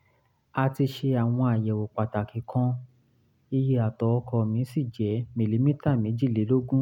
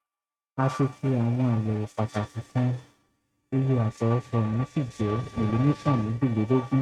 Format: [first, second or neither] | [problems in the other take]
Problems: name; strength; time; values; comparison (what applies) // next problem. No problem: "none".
first | noise reduction (neural mask model RNNoise)